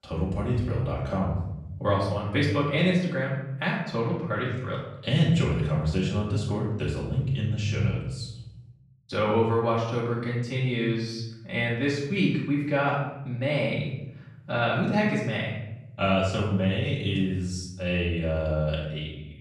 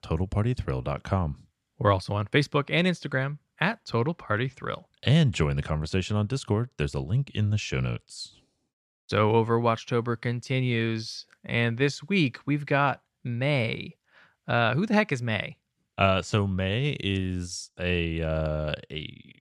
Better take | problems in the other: second | off-mic speech; far // room echo; noticeable; dies away in 0.9 s

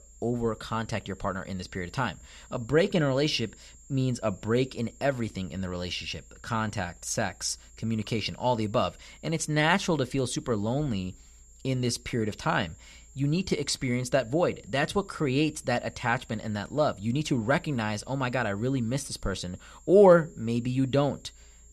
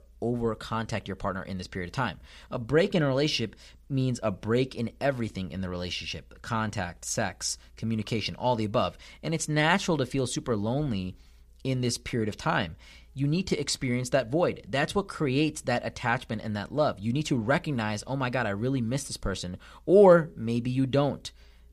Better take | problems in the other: second | high-pitched whine; faint; throughout; 7.5 kHz, 25 dB below the speech

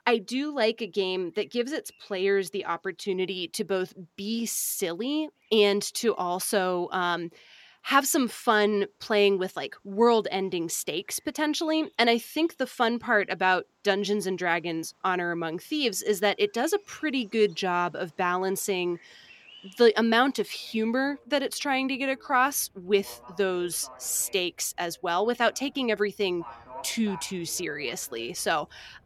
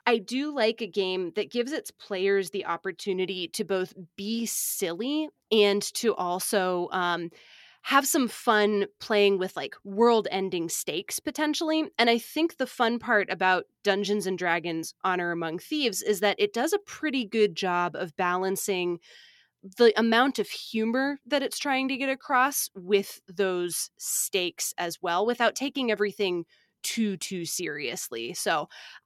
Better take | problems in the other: second | animal sounds; faint; throughout; 25 dB below the speech

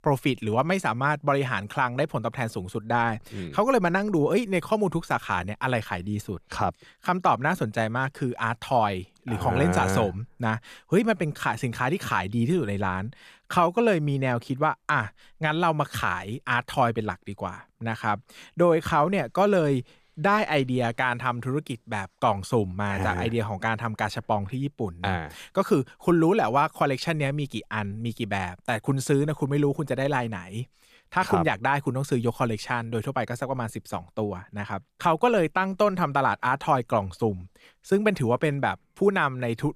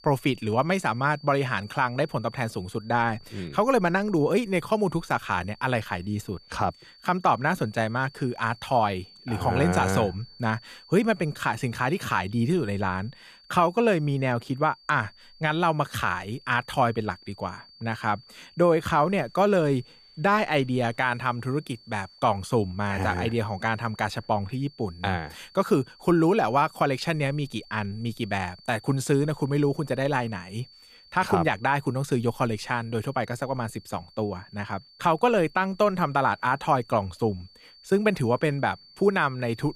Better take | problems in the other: first | high-pitched whine; faint; throughout; 4.5 kHz, 25 dB below the speech

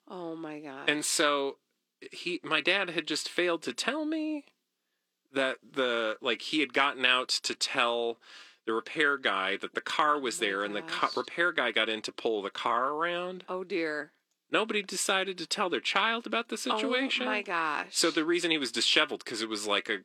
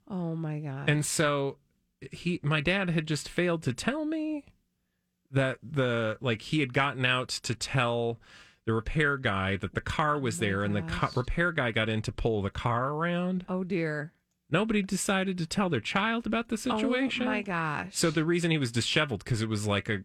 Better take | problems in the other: second | thin; somewhat; fading below 300 Hz

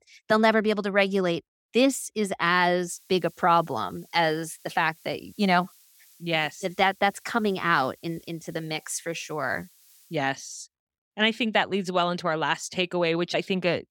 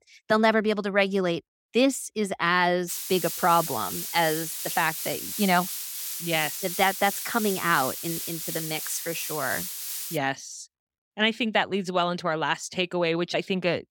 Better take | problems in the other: first | hiss; loud; from 3 to 10 s; 5 dB below the speech; faint in the first

